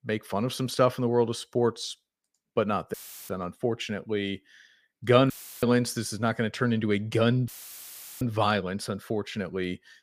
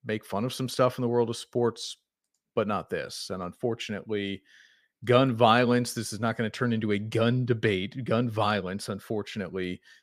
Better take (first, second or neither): second